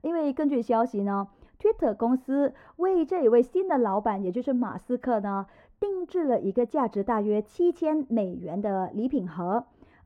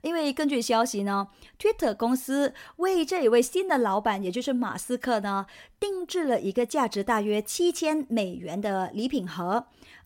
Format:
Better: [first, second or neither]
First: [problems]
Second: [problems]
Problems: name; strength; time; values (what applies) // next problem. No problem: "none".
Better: second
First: muffled; very; fading above 2 kHz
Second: none